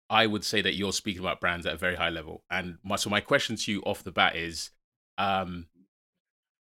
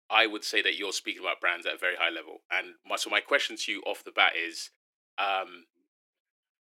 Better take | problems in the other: first | thin; very; fading below 300 Hz

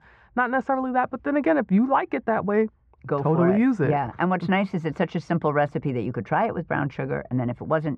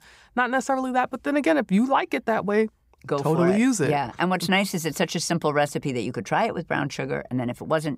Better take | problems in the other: second | muffled; very; fading above 1.5 kHz

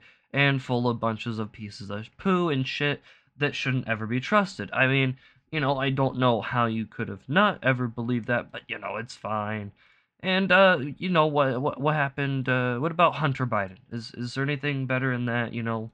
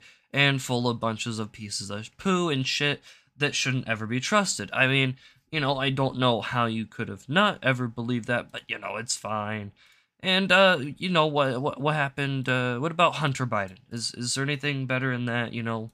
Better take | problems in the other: second | muffled; slightly; fading above 2.5 kHz

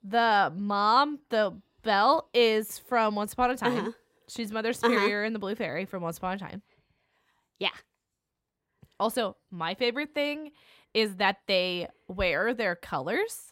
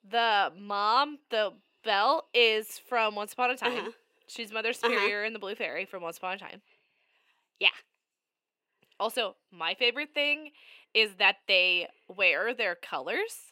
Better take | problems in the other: first | thin; somewhat; fading below 400 Hz

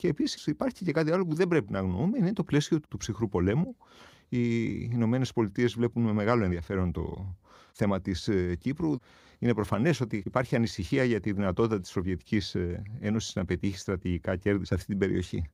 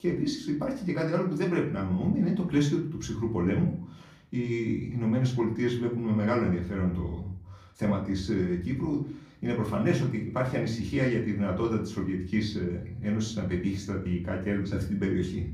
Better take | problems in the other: first | off-mic speech; far // room echo; slight; dies away in 0.5 s

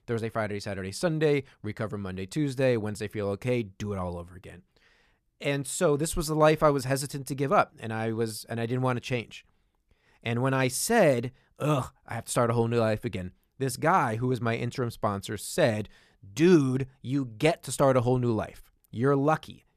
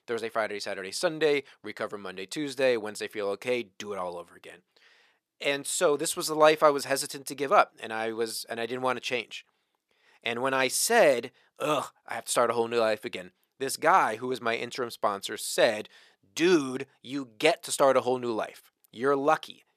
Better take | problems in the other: first | thin; somewhat; fading below 400 Hz

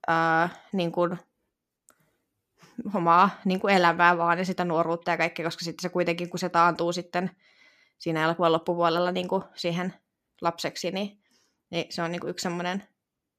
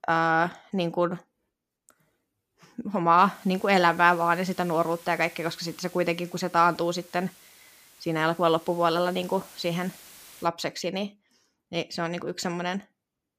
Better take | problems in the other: first | hiss; faint; from 3 to 10 s; 25 dB below the speech

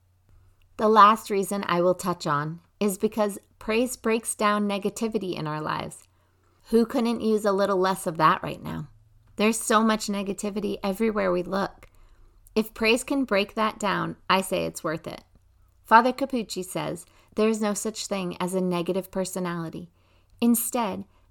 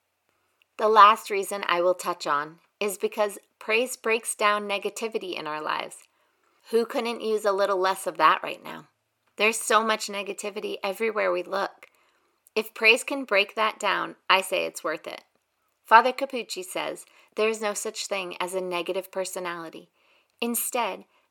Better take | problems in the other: first | thin; somewhat; fading below 450 Hz

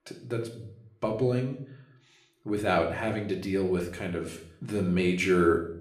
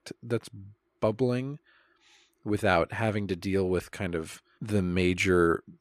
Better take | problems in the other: second | room echo; slight; dies away in 0.5 s // off-mic speech; somewhat distant

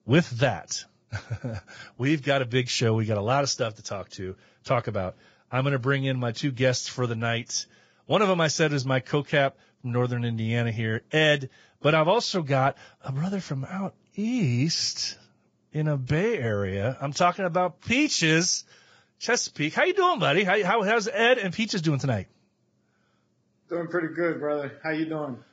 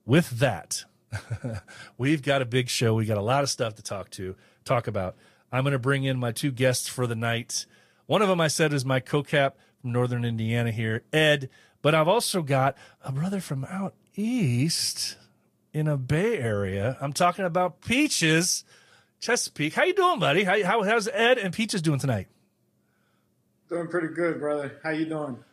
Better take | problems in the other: second | garbled, watery; badly; slightly in the second

